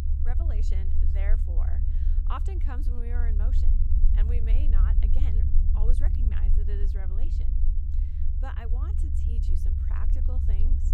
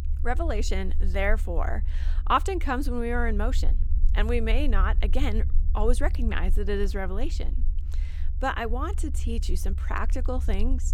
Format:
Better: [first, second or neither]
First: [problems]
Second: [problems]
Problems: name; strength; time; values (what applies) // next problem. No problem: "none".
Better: second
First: low rumble; loud; throughout; 2 dB below the speech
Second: low rumble; faint; throughout; 20 dB below the speech